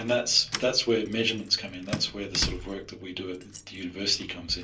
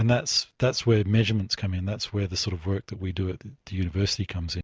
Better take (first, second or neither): second